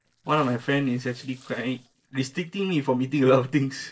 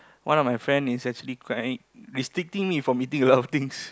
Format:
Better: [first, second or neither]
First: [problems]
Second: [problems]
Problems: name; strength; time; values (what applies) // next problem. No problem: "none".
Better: second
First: noise reduction (neural separator model SepFormer DNS4)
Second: none